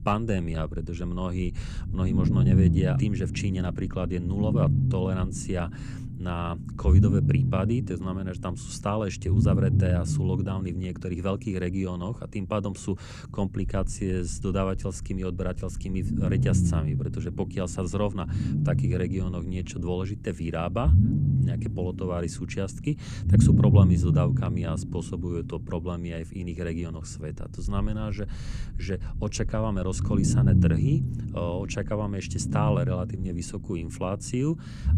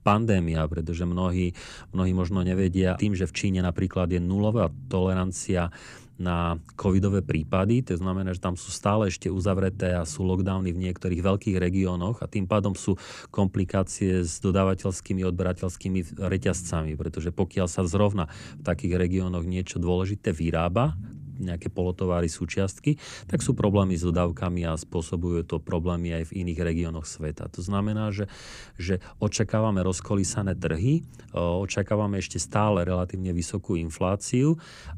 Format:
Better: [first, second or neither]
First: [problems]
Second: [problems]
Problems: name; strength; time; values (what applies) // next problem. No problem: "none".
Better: second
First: low rumble; loud; throughout; 3 dB below the speech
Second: low rumble; faint; throughout; 25 dB below the speech